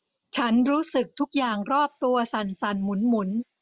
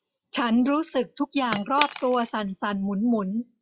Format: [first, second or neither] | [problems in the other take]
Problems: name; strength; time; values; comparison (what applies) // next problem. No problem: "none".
first | noise reduction (classical method log-MMSE)